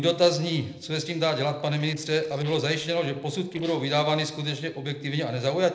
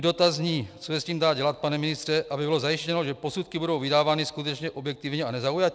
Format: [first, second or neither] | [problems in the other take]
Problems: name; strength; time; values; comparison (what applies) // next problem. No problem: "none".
second | noise reduction (neural separator model SepFormer DNS4)